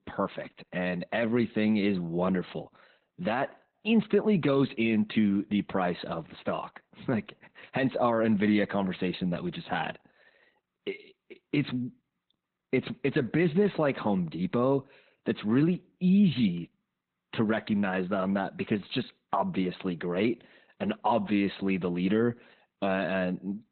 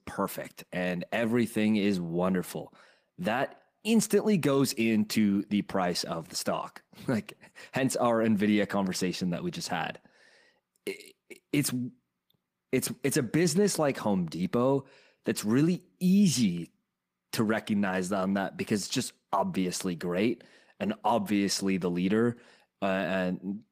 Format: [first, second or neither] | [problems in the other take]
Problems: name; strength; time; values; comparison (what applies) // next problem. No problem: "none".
second | garbled, watery; badly; nothing above 4 kHz; slightly in the second